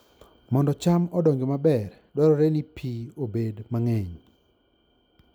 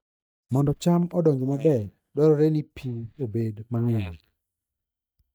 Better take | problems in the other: first | noise reduction (neural mask model DeepFilterNet 3)

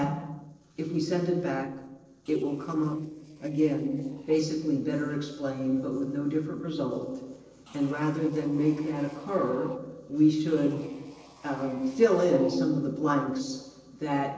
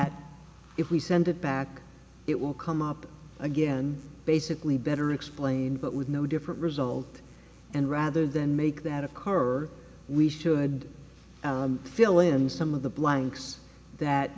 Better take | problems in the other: second | noise reduction (neural separator model SepFormer DNS4)

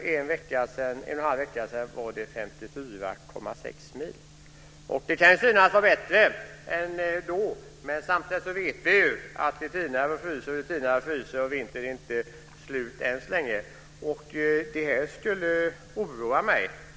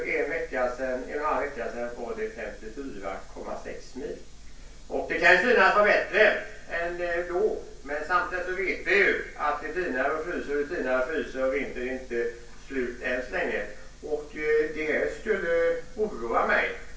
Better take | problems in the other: first | room echo; dies away in 0.3 s

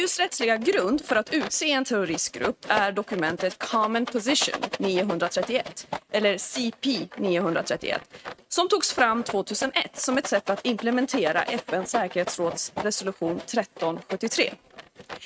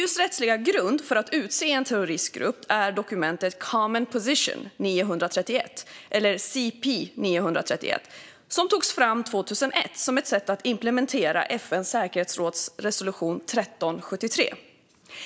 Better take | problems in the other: second | noise reduction (neural mask model RNNoise)

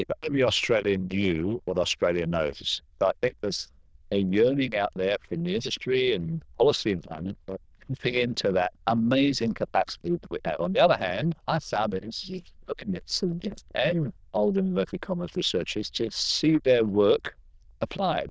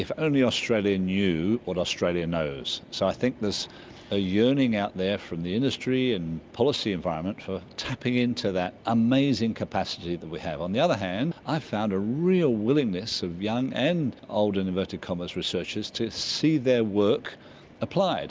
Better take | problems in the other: second | noise reduction (neural diffusion model UNIVERSE++)

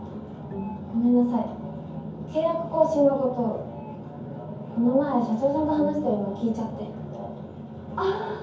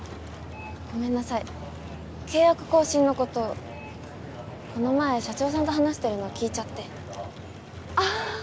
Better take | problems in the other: second | background sound (Bowed string instrument); 16 dB below the speech // room echo; dies away in 0.6 s

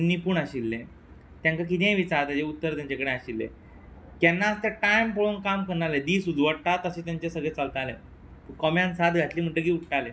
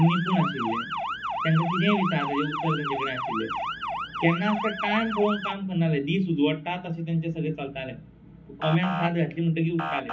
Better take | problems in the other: first | background sound (Motor vehicle (road) / Siren); 6 dB below the speech // room echo; dies away in 0.4 s

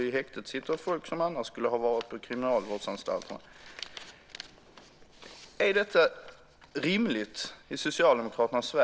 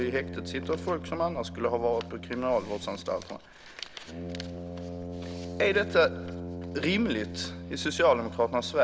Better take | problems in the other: first | background sound (Brass instrument); 9 dB below the speech

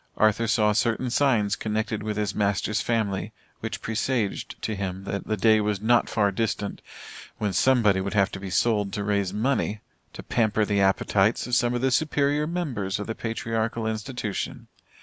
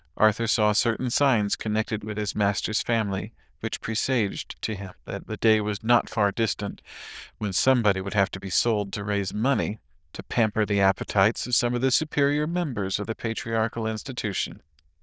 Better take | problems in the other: first | noise reduction (neural diffusion model UNIVERSE++)

